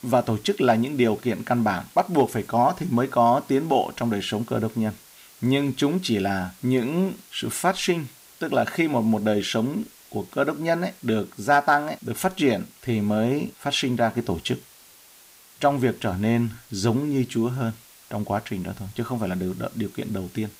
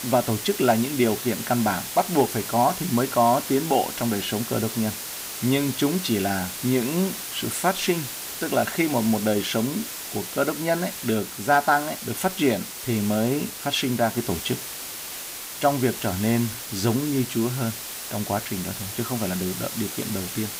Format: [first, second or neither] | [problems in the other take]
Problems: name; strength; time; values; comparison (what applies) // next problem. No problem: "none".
first | hiss; loud; throughout; 7 dB below the speech; faint in the first